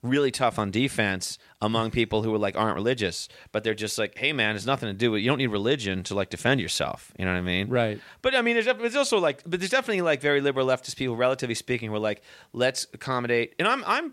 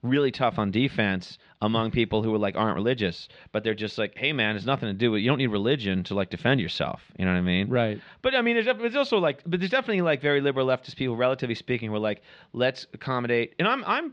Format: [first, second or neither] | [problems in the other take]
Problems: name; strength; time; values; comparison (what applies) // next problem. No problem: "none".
first | muffled; very slightly; fading above 4 kHz